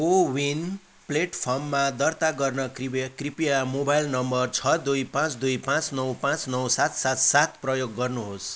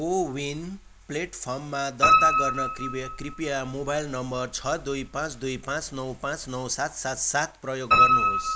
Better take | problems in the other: first | background sound (Piano); 3 dB above the speech

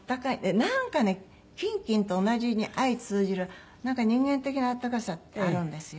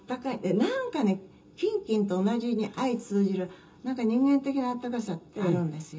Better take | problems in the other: first | room echo; dies away in 0.2 s

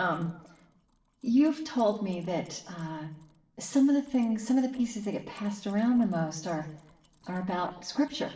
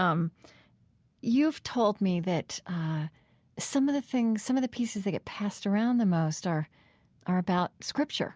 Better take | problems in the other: second | noise reduction (neural separator model SepFormer DNS4)

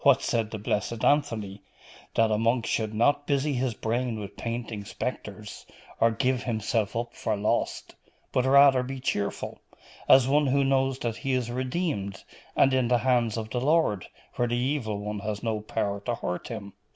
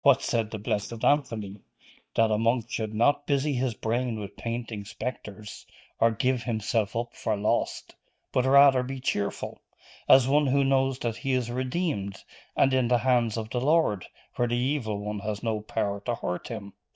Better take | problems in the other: first | noise reduction (neural mask model DeepFilterNet 3)

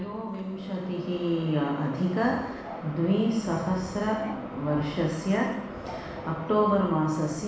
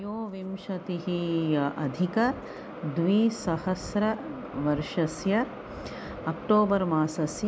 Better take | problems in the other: second | background sound (Subway, metro, underground); 18 dB below the speech // room echo; dies away in 0.9 s

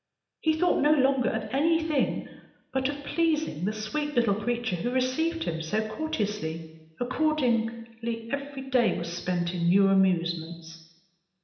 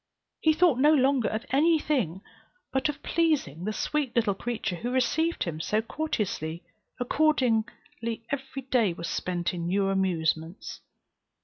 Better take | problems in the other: second | room echo; dies away in 0.8 s

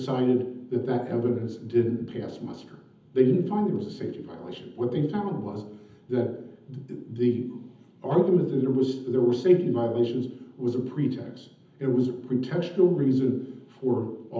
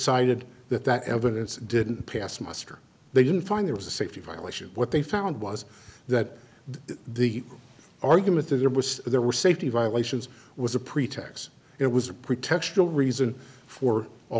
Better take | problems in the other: second | room echo; dies away in 0.8 s

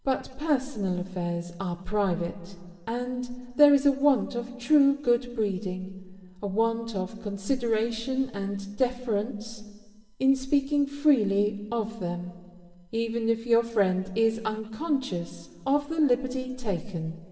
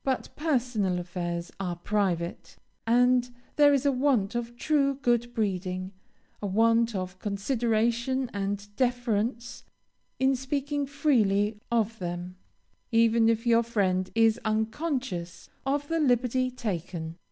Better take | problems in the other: second | room echo; dies away in 1.6 s

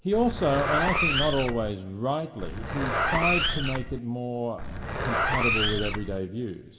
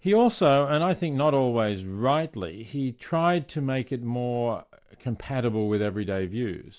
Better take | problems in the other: second | background sound (Zipper (clothing)); as loud as the speech // room echo; dies away in 2.5 s

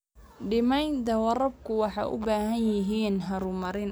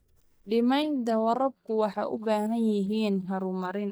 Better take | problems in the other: first | noise reduction (neural mask model DeepFilterNet 3)

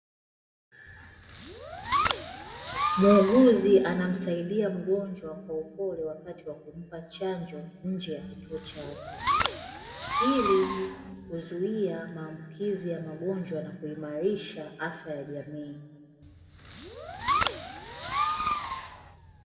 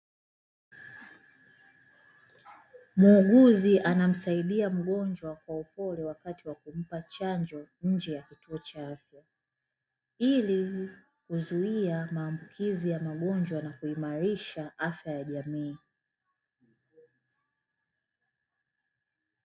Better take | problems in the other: second | background sound (Fireworks); 2 dB below the speech // room echo; dies away in 1.6 s

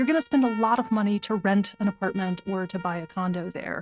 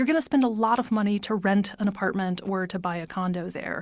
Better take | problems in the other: second | noise reduction (neural mask model RNNoise)

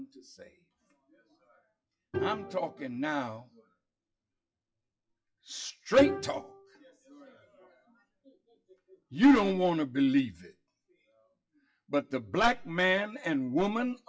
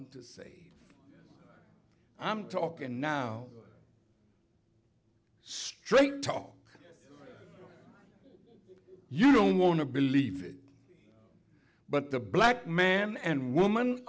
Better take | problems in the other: second | noise reduction (classical method WPE with log-MMSE)

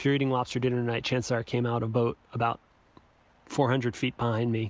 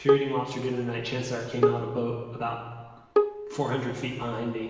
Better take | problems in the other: first | background sound (Bowed string instrument); as loud as the speech // room echo; dies away in 1.2 s

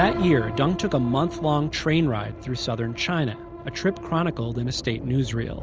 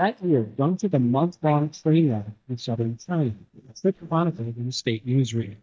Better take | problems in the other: first | noise reduction (neural mask model DeepFilterNet 3)

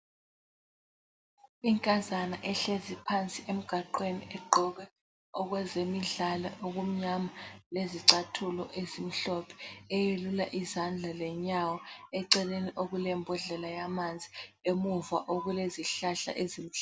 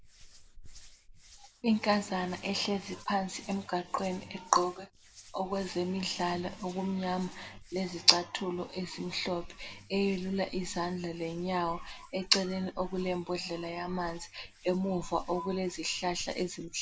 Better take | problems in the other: first | background sound (Hands); 17 dB below the speech

